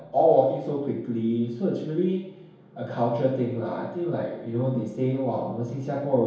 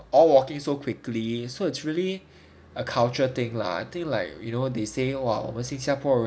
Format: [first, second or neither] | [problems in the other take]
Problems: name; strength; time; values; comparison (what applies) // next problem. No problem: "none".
second | room echo; dies away in 1 s